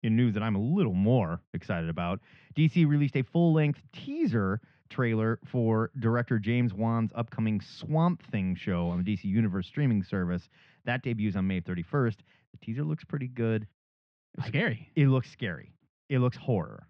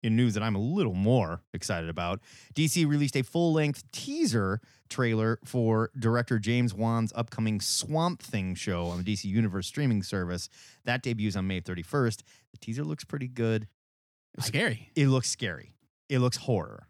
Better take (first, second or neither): second